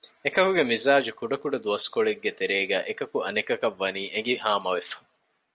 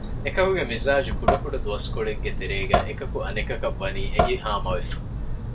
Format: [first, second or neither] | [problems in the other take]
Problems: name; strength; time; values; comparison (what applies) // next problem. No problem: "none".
first | background sound (Drip / Sink (filling or washing) / Water tap, faucet); 2 dB above the speech // room echo; dies away in 0.2 s